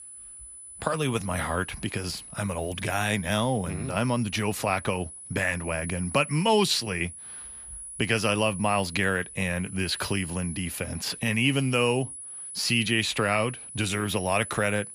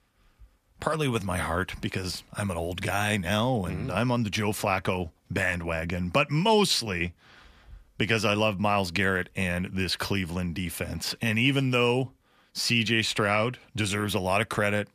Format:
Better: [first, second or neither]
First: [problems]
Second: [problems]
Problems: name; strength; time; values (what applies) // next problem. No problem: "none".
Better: second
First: high-pitched whine; noticeable; throughout; 10 kHz, 10 dB below the speech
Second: none